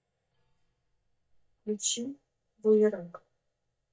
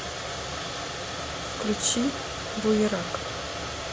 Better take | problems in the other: second | noise reduction (neural mask model DeepFilterNet 3)

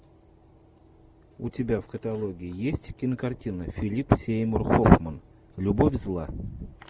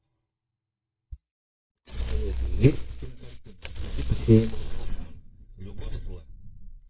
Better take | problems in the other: first | noise reduction (neural mask model DeepFilterNet 3)

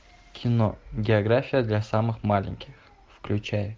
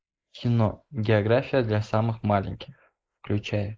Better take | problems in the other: first | noise reduction (neural mask model Resemble Enhance denoiser)

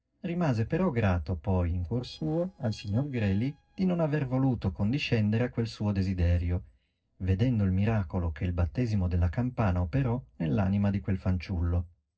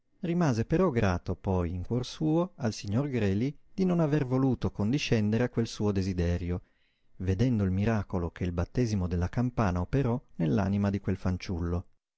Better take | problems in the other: second | noise reduction (neural separator model SepFormer DNS4)

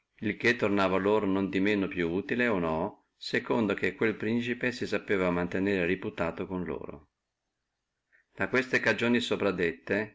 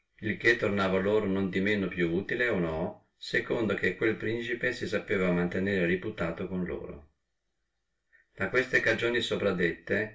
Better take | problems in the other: first | room echo; dies away in 0.2 s

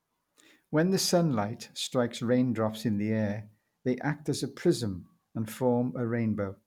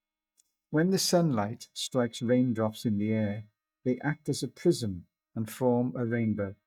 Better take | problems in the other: first | noise reduction (neural mask model DeepFilterNet 3)

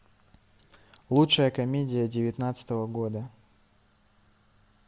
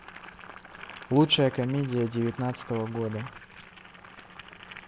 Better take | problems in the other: first | background sound (Boiling); 16 dB below the speech

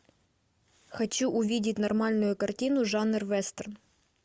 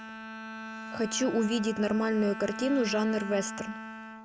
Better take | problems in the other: first | background sound (Bowed string instrument); 10 dB below the speech

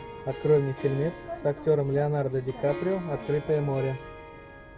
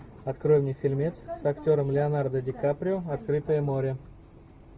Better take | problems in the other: second | background sound (Harp); 14 dB below the speech

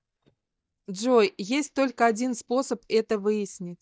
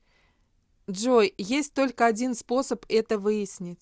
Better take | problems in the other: second | noise reduction (neural mask model DeepFilterNet 3)

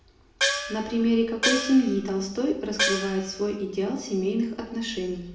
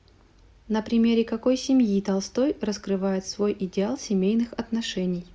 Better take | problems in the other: second | background sound (Gong); 3 dB below the speech // room echo; dies away in 0.8 s

